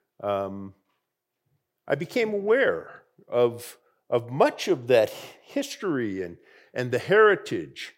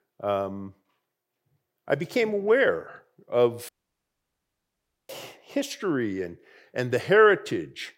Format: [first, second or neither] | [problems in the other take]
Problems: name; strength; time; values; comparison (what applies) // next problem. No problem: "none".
first | audio cutting out; at 3.5 s for 1.5 s